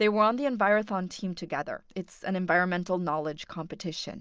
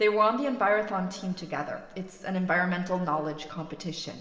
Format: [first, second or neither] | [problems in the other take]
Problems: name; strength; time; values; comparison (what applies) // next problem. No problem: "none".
first | room echo; dies away in 2 s